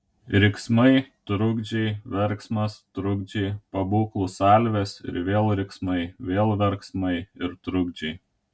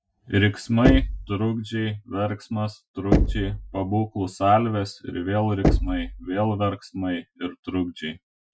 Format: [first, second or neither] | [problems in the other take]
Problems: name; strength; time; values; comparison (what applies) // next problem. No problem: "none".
first | noise reduction (classical method Wiener filter)